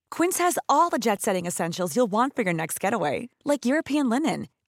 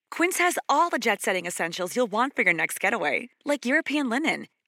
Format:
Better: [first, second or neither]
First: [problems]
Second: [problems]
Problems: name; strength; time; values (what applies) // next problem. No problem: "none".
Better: first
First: none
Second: thin; very slightly; fading below 300 Hz